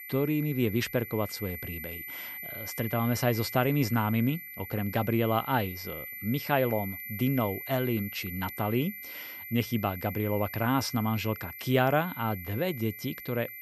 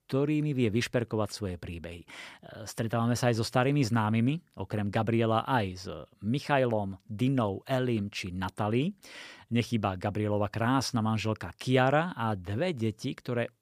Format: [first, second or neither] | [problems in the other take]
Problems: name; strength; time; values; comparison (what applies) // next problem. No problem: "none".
second | high-pitched whine; loud; throughout; 2 kHz, 9 dB below the speech